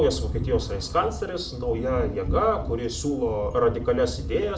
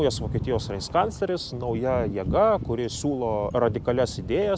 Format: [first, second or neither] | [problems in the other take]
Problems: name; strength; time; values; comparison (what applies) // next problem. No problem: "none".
second | room echo; dies away in 0.4 s